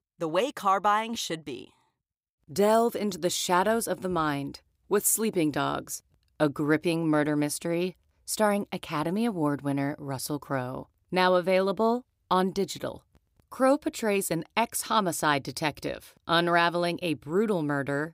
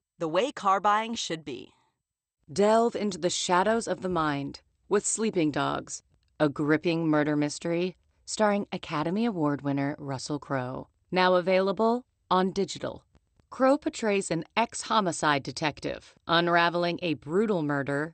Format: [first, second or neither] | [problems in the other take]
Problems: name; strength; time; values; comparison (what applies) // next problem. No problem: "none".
first | garbled, watery; slightly; nothing above 8.5 kHz